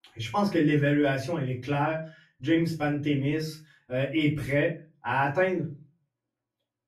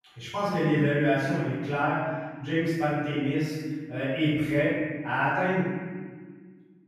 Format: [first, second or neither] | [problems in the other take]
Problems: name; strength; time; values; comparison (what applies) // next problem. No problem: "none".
first | room echo; strong; dies away in 1.5 s; slight in the first // off-mic speech; far; far in the first